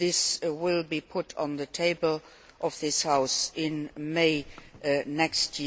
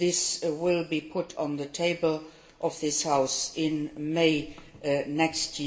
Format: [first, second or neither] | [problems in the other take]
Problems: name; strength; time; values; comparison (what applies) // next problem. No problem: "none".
first | room echo; dies away in 0.6 s